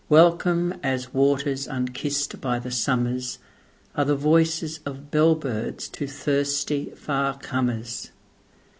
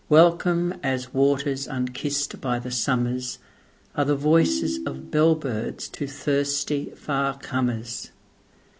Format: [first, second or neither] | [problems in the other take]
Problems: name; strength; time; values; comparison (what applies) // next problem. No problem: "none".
first | background sound (Ringtone); 6 dB below the speech